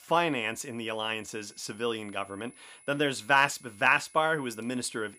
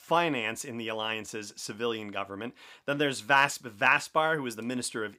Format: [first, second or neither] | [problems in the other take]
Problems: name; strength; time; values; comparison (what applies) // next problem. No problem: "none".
second | high-pitched whine; faint; throughout; 10 kHz, 25 dB below the speech